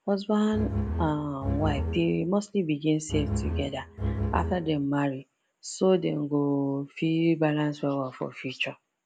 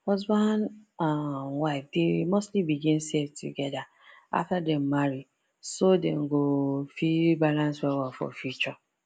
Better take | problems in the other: second | background sound (Bowed string instrument); 3 dB below the speech

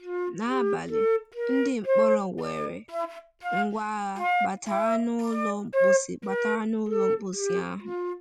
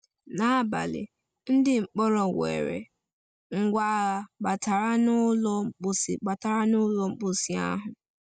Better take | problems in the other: second | background sound (Wind instrument, woodwind instrument); 4 dB above the speech

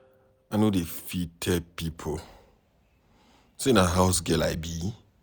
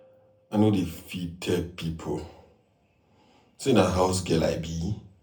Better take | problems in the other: first | room echo; dies away in 0.3 s

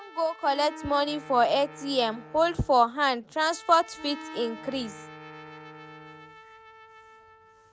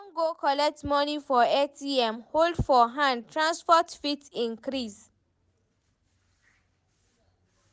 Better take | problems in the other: second | background sound (Trumpet + Wind instrument, woodwind instrument); 17 dB below the speech

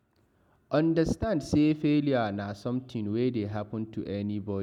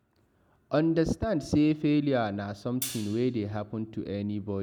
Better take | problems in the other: first | background sound (Hi-hat); 14 dB below the speech

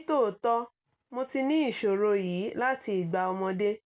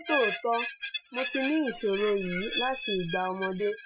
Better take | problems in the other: first | noise reduction (classical method Wiener filter)

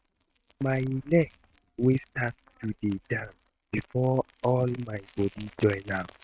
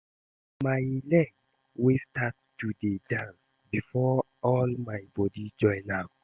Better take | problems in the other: second | noise reduction (neural mask model RNNoise)

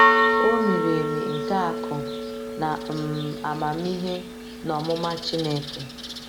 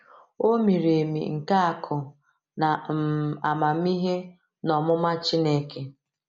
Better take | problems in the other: second | background sound (Church bell); 2 dB above the speech

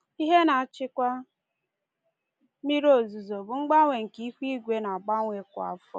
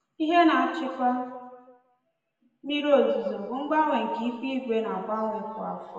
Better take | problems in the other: first | room echo; dies away in 1.2 s

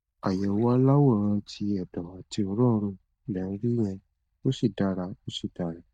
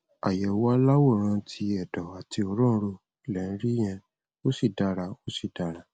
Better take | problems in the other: second | noise reduction (neural mask model DeepFilterNet 3)

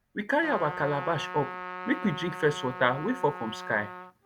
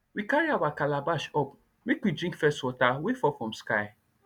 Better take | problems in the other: second | background sound (Trumpet); 10 dB below the speech

